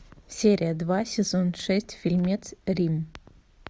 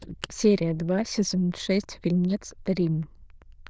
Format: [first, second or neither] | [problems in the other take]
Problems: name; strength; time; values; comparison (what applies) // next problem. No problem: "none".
first | noise reduction (neural diffusion model UNIVERSE++)